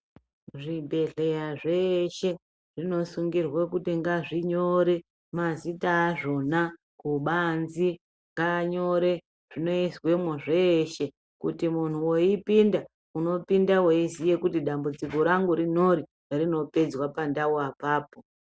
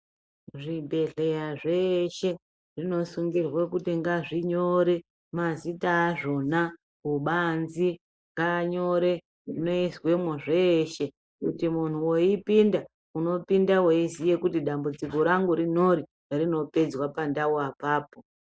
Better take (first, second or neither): first